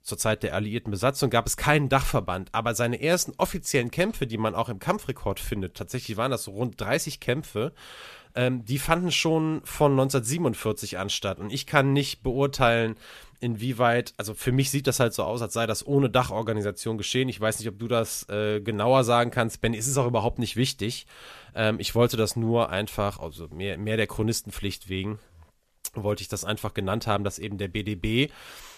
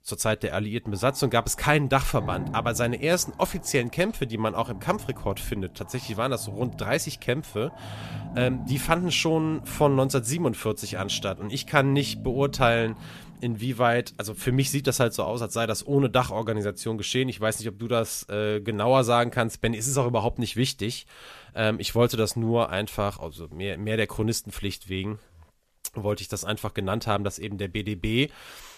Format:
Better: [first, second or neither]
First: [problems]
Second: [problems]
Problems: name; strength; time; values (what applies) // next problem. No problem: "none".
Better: first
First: none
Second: animal sounds; noticeable; until 16 s; 15 dB below the speech